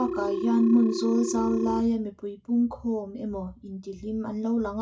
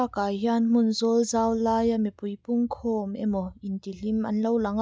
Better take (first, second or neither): second